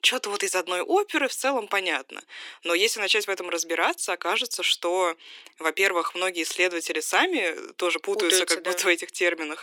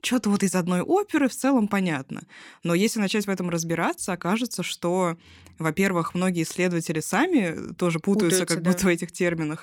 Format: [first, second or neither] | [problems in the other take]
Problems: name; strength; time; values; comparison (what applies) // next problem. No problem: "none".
second | thin; very; fading below 350 Hz